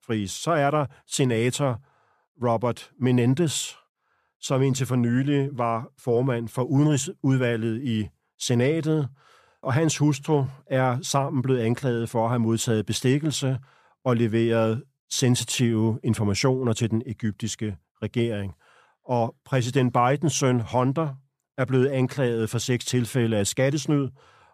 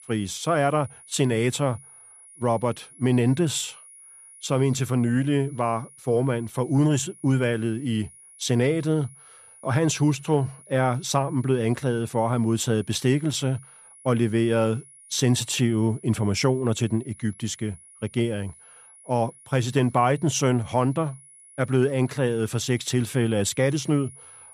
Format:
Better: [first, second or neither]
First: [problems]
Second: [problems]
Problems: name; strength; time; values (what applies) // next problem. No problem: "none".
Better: first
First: none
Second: high-pitched whine; faint; throughout; 10.5 kHz, 20 dB below the speech